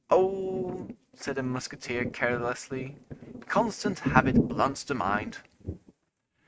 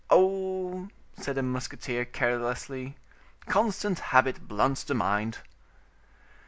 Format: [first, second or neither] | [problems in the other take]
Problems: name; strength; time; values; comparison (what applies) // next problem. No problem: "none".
second | noise reduction (neural mask model RNNoise)